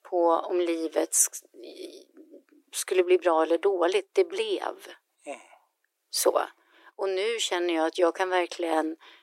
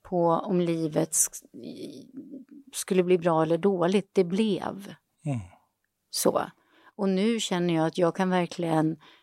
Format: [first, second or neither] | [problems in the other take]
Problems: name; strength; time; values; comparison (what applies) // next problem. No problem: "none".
second | thin; very; fading below 350 Hz